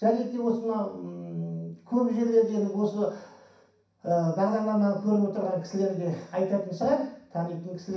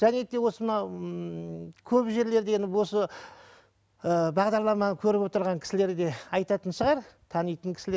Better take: second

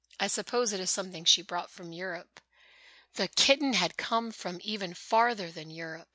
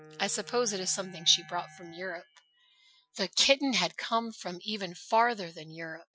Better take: first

